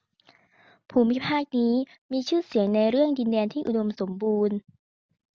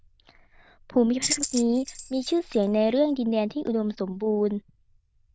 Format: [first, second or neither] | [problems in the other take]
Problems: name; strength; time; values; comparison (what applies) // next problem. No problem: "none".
first | noise reduction (neural diffusion model UNIVERSE++)